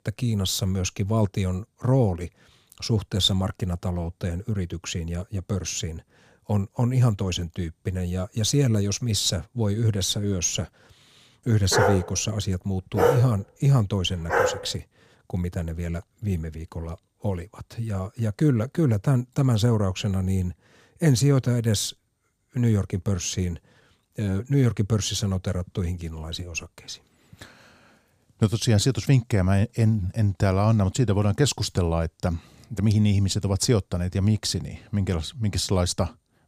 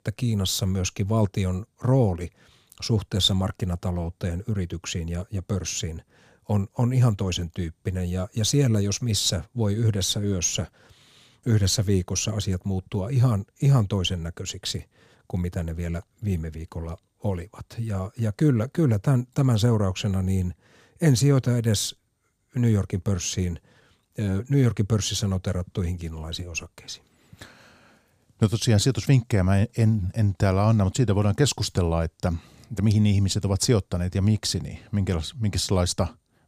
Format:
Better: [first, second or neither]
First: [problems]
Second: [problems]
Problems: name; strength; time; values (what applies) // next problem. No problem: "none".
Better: second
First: dog barking; loud; from 12 to 15 s; peak 3 dB above the speech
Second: none